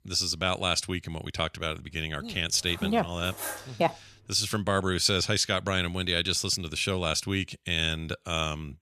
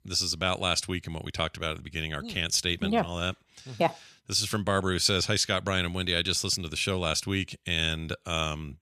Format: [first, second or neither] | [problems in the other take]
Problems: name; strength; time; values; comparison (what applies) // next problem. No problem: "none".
second | clattering dishes; noticeable; from 2.5 to 3.5 s; peak 7 dB below the speech